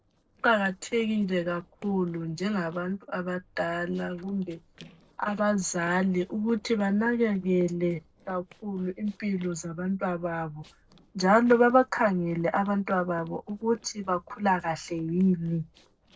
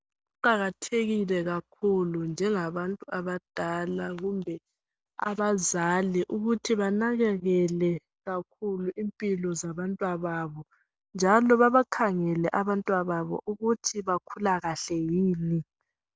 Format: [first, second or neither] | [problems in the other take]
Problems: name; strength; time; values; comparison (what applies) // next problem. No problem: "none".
second | noise reduction (neural separator model SepFormer DNS4)